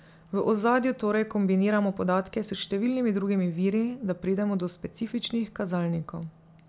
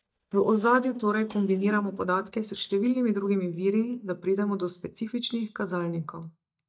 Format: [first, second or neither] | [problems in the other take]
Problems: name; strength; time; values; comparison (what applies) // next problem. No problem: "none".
first | noise reduction (neural mask model DeepFilterNet 3)